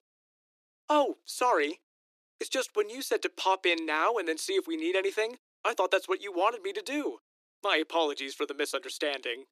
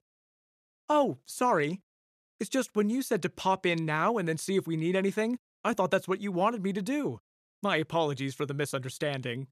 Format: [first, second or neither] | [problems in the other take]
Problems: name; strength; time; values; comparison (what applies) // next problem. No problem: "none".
second | thin; somewhat; fading below 300 Hz